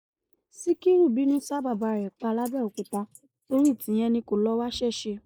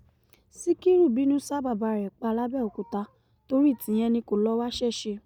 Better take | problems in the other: second | noise reduction (neural mask model Resemble Enhance denoiser)

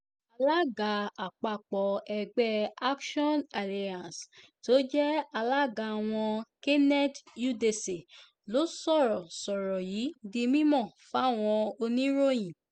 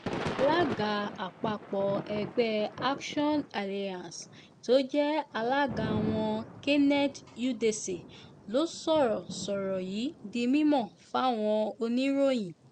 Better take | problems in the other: first | background sound (Thunder / Rain); 11 dB below the speech

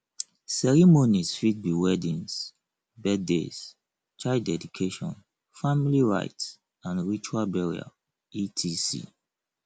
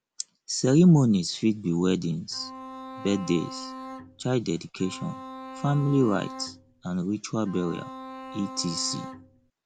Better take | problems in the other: first | background sound (Bowed string instrument); 14 dB below the speech

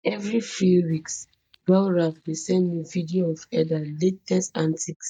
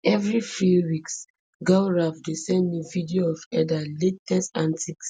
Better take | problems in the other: second | noise reduction (neural mask model DeepFilterNet 3)

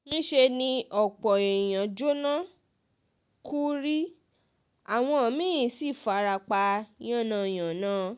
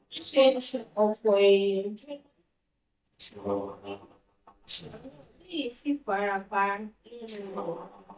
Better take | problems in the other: first | noise reduction (neural mask model DeepFilterNet 3)

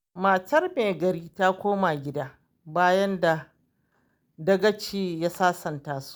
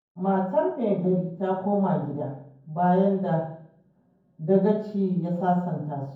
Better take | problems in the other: first | room echo; dies away in 0.9 s

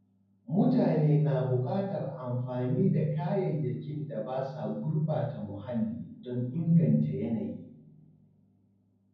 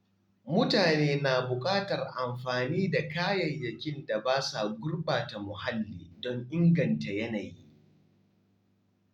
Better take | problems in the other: second | room echo; dies away in 0.9 s

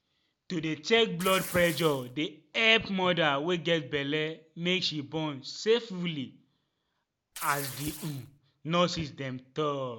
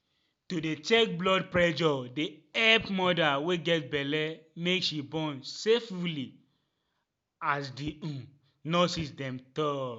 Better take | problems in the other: second | background sound (Tearing); 11 dB below the speech

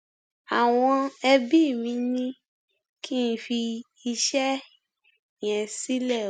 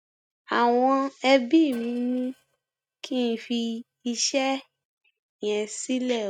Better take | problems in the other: first | noise reduction (neural mask model RNNoise)

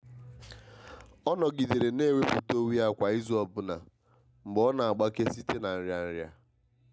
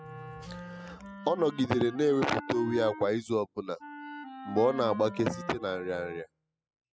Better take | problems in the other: first | noise reduction (classical method spectral subtraction)

